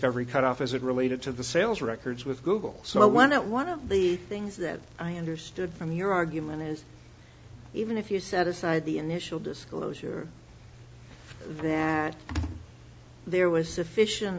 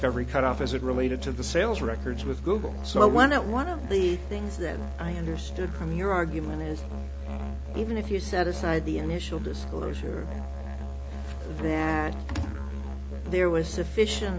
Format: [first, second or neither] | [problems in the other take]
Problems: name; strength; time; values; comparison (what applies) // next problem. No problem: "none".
first | background sound (Musical instrument); 5 dB below the speech